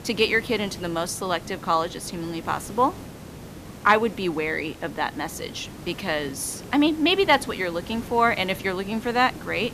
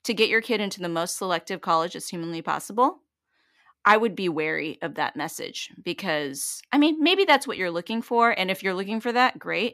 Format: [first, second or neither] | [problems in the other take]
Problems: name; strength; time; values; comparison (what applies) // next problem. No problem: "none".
second | hiss; noticeable; throughout; 15 dB below the speech